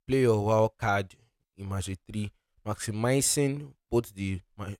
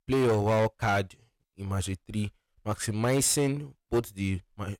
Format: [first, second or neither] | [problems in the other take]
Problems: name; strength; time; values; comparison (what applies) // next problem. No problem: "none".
first | distortion; slight; 7% of the sound clipped